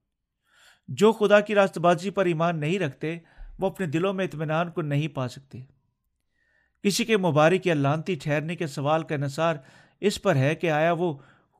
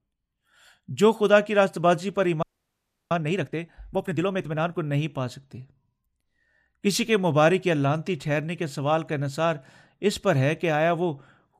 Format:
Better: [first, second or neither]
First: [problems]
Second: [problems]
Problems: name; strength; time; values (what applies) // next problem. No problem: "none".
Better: first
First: none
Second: audio freezing; at 2.5 s for 0.5 s